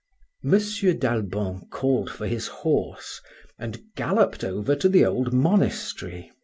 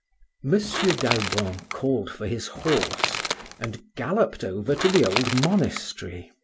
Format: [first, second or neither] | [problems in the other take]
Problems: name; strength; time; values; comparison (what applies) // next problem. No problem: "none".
first | background sound (Crushing / Wood); 4 dB below the speech